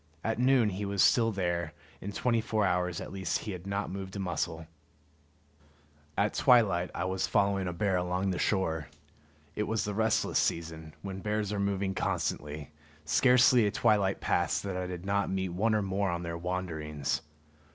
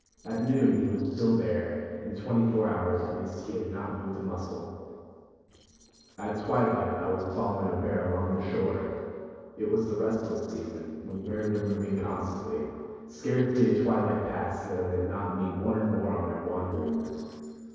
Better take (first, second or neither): first